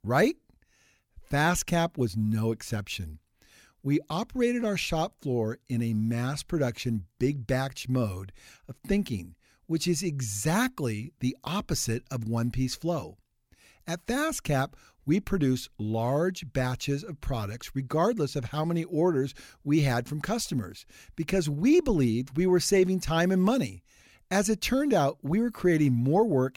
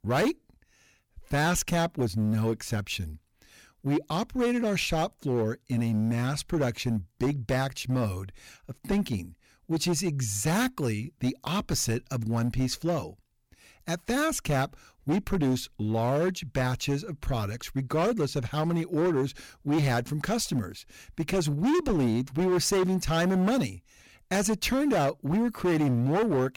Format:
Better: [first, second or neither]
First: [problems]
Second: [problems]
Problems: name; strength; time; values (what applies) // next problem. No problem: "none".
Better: first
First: none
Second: distortion; slight; 11% of the sound clipped